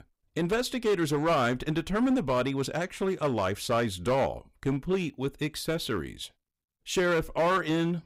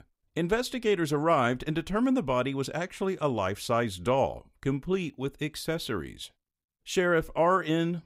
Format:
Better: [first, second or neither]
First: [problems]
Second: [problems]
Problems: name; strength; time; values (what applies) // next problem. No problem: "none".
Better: second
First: distortion; slight; 8% of the sound clipped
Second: none